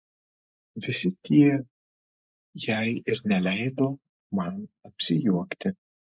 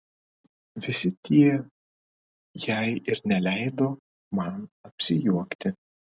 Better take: second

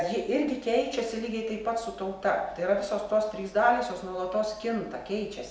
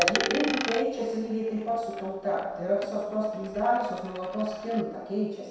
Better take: first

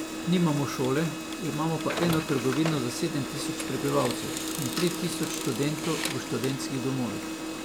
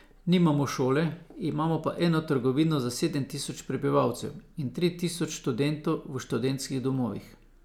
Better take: second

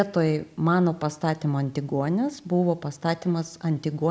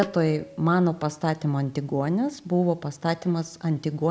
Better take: first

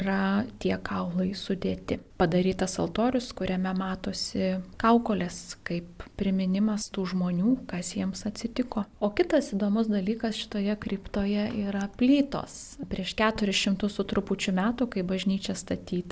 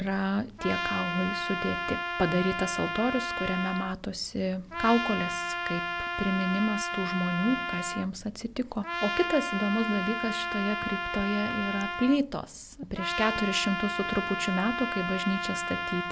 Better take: first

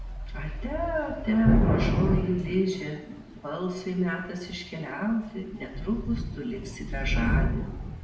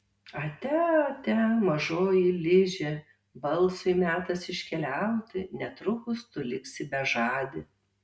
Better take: second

